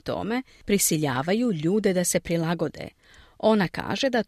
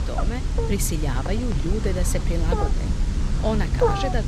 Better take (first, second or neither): first